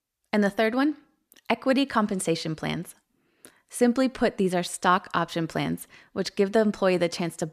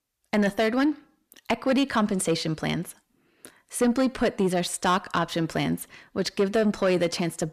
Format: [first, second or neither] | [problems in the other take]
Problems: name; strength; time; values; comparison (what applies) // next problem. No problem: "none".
first | distortion; slight; 10 dB below the speech